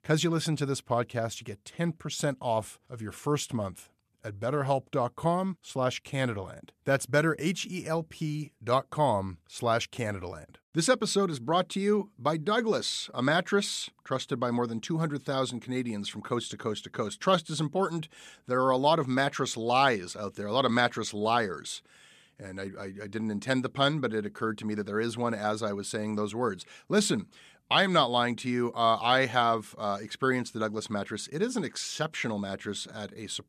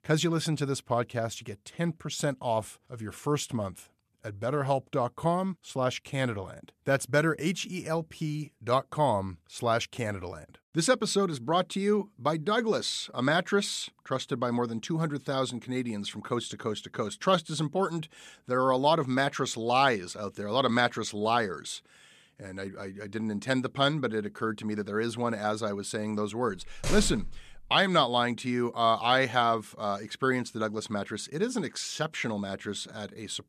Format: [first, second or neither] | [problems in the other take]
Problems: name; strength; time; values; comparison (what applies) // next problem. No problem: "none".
first | door banging; noticeable; at 27 s; peak 4 dB below the speech